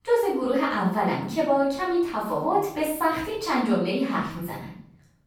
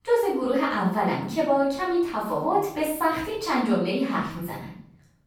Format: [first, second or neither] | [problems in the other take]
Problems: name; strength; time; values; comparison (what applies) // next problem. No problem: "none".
neither | off-mic speech; far; the same in both // room echo; noticeable; dies away in 0.6 s; the same in both